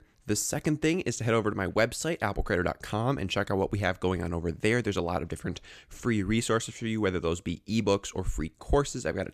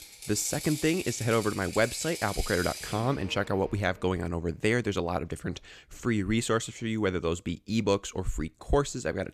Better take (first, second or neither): first